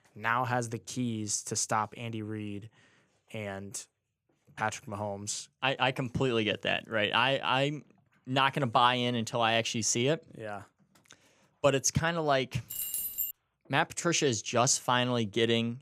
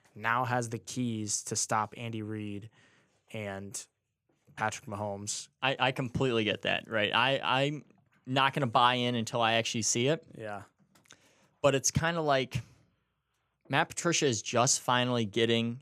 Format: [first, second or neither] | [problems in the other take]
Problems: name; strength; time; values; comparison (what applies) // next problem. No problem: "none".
second | jangling keys; noticeable; at 13 s; peak 2 dB below the speech